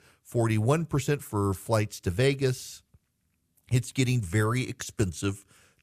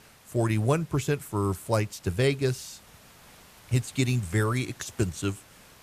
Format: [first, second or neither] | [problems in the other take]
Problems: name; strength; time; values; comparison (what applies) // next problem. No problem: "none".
first | hiss; faint; throughout; 25 dB below the speech